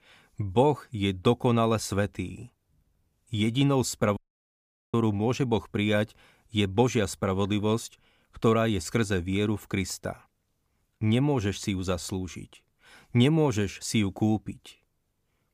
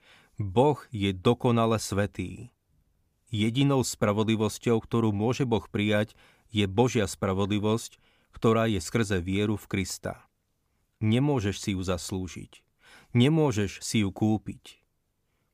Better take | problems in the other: second | audio cutting out; at 4 s for 1 s

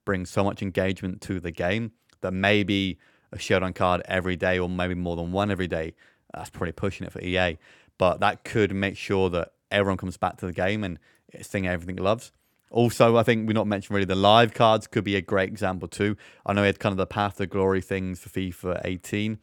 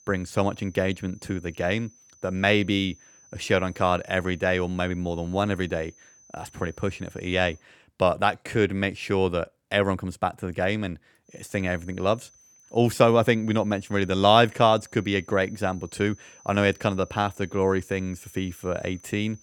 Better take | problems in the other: first | high-pitched whine; faint; until 7.5 s and from 11 s on; 6 kHz, 25 dB below the speech

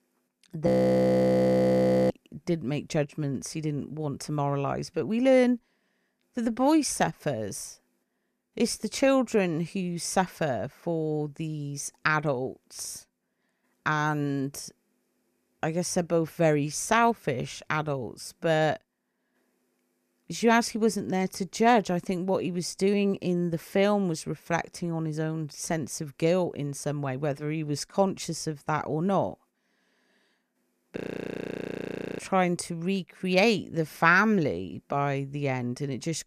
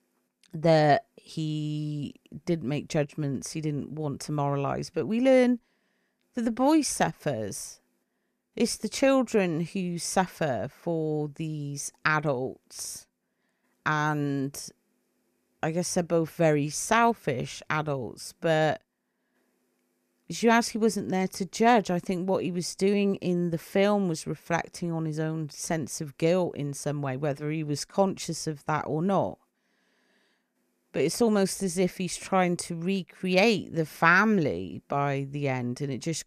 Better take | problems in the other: second | audio freezing; at 0.5 s for 1.5 s and at 31 s for 1 s

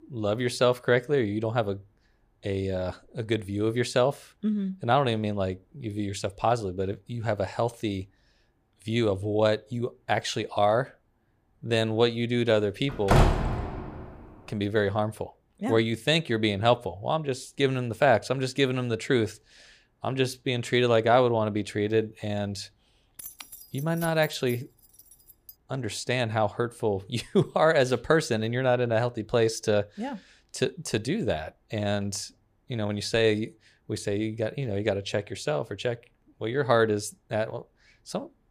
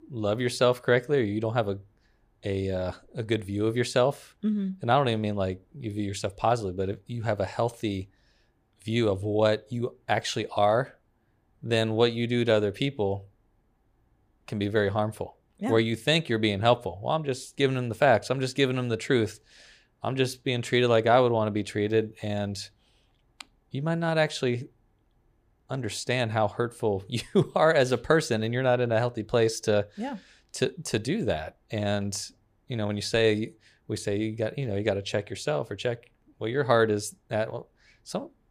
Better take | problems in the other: second | door banging; loud; at 13 s; peak 5 dB above the speech // jangling keys; faint; from 23 to 26 s; peak 15 dB below the speech

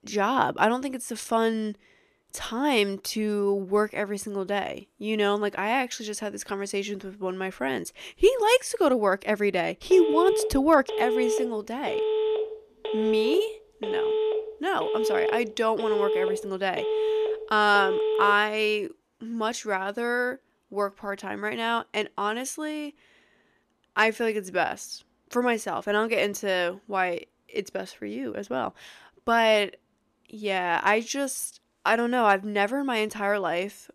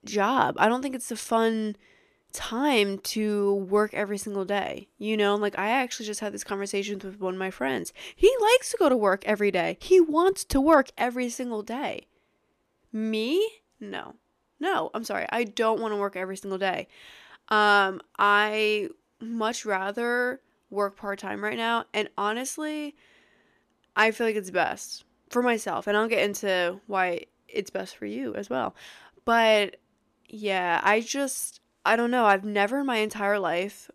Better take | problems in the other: second | phone ringing; loud; from 10 to 18 s; peak 1 dB above the speech

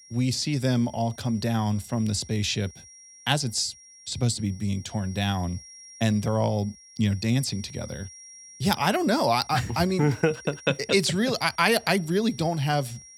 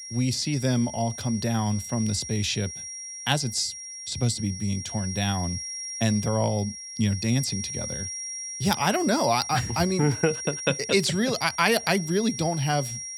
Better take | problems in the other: first | high-pitched whine; loud; throughout; 5.5 kHz, 8 dB below the speech; faint in the first

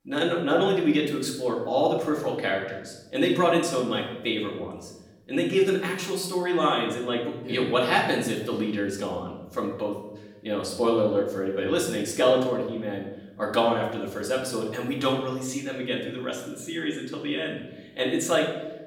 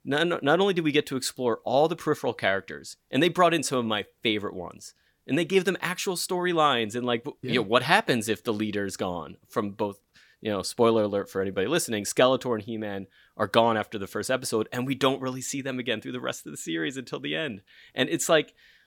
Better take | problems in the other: second | room echo; noticeable; dies away in 0.9 s // off-mic speech; far

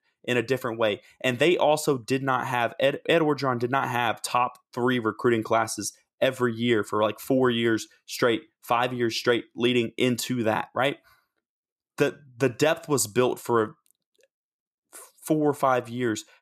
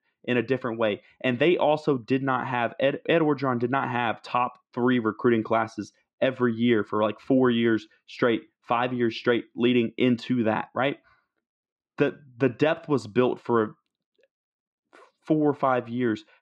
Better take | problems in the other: first | muffled; slightly; fading above 3.5 kHz

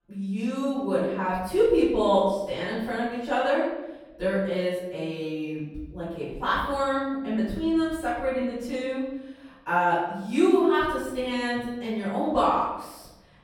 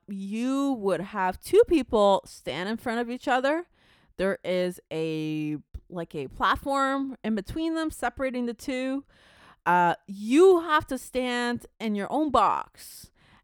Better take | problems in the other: second | room echo; noticeable; dies away in 0.9 s // off-mic speech; far

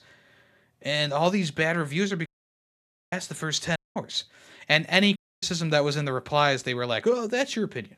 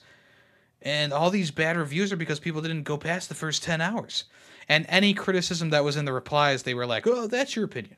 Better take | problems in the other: second | audio cutting out; at 2.5 s for 1 s, at 4 s and at 5 s

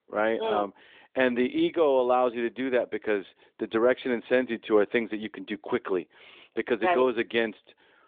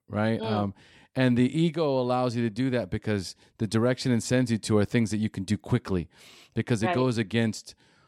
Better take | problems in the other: second | phone-call audio

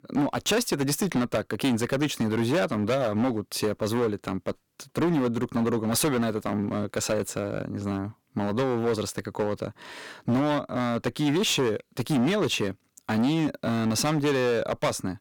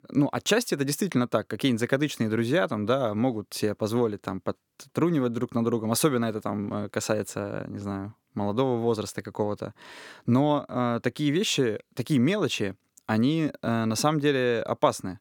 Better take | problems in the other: second | distortion; heavy; 13% of the sound clipped

